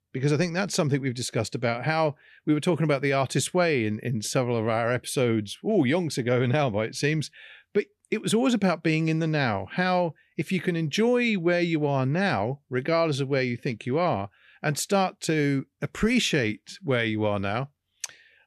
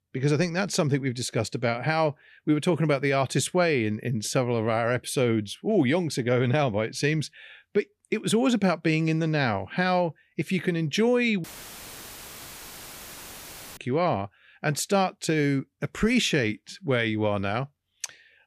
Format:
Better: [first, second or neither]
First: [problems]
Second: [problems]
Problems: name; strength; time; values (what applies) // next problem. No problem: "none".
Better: first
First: none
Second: audio cutting out; filled with static; at 11 s for 2.5 s